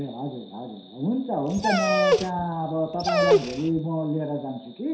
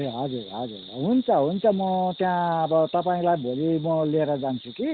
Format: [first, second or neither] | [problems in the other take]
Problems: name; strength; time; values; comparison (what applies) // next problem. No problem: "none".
second | background sound (Dog); 3 dB above the speech // room echo; dies away in 0.7 s